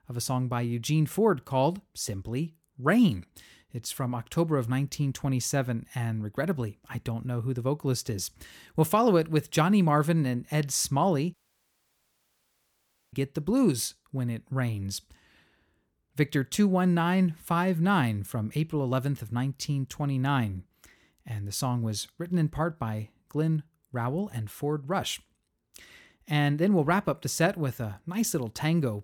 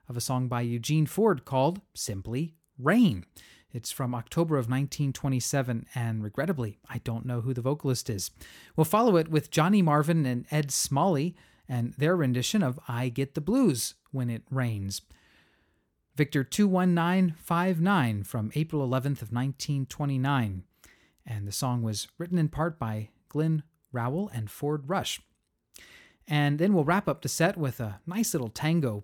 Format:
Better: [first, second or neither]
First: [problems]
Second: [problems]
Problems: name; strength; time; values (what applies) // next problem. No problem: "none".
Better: second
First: audio cutting out; at 11 s for 2 s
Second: none